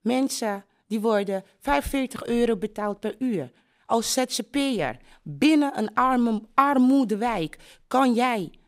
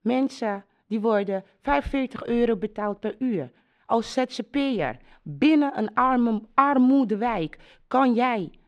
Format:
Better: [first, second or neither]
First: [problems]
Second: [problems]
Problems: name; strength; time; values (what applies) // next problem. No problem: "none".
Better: first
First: none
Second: muffled; slightly; fading above 3 kHz